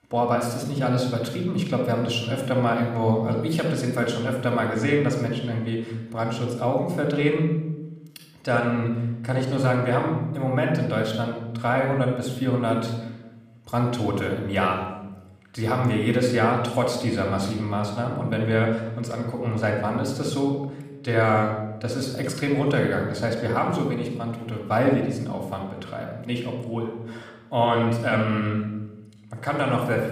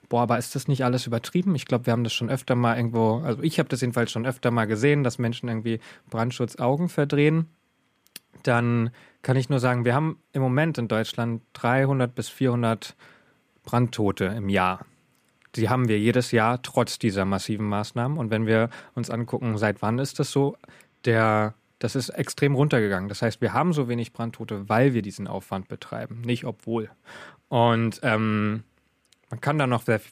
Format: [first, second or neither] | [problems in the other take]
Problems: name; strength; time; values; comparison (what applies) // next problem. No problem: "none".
second | off-mic speech; somewhat distant // room echo; noticeable; dies away in 0.9 s